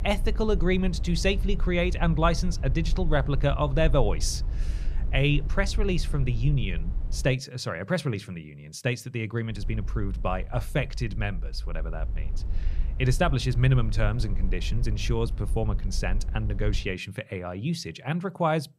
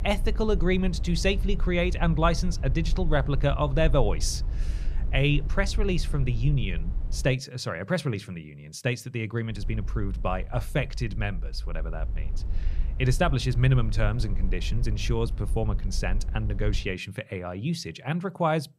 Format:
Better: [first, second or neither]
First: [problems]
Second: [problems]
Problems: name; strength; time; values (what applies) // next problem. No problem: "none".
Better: neither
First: low rumble; faint; until 7.5 s and from 9.5 to 17 s; 20 dB below the speech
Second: low rumble; faint; until 7.5 s and from 9.5 to 17 s; 20 dB below the speech